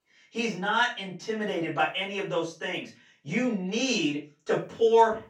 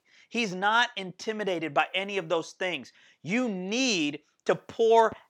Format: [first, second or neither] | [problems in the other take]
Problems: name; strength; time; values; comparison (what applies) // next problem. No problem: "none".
second | off-mic speech; far // room echo; slight; dies away in 0.3 s